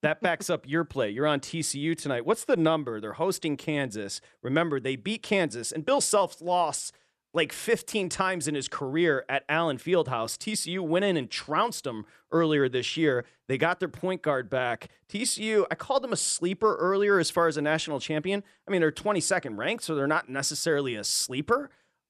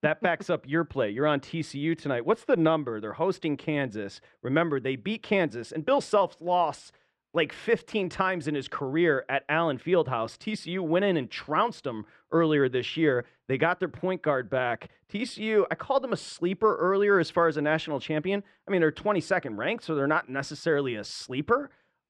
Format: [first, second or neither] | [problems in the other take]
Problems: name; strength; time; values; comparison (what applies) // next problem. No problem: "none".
first | muffled; slightly; fading above 3 kHz